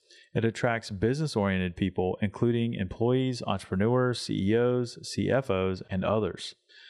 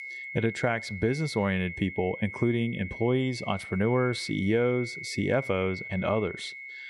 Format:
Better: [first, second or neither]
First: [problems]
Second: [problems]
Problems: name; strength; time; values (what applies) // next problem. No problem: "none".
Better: first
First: none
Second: high-pitched whine; loud; throughout; 2 kHz, 9 dB below the speech